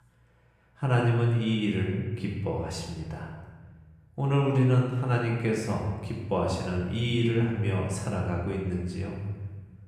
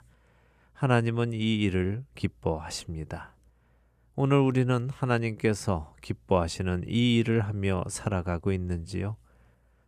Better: second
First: room echo; noticeable; dies away in 1.2 s // off-mic speech; far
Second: none

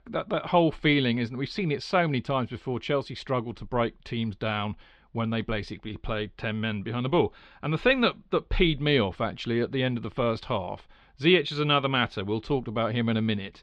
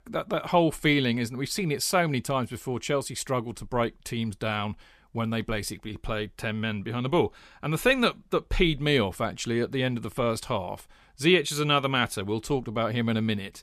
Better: second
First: muffled; very slightly; fading above 4 kHz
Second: none

